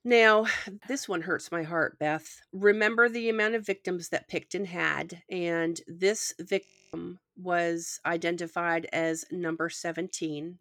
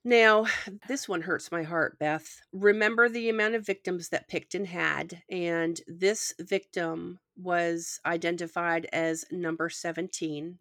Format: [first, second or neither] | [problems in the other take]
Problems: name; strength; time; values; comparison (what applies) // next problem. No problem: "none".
second | audio freezing; at 6.5 s